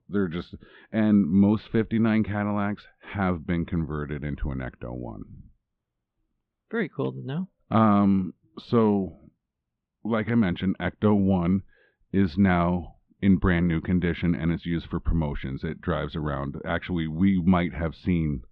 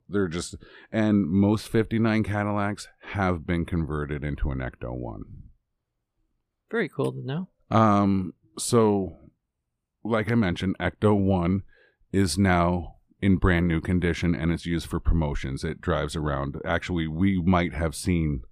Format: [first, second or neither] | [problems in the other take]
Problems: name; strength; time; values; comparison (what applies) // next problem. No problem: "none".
second | muffled; slightly; fading above 3.5 kHz